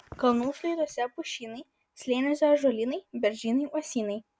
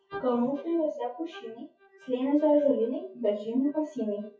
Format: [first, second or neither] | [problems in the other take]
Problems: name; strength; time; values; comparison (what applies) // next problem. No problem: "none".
first | noise reduction (classical method WPE with log-MMSE)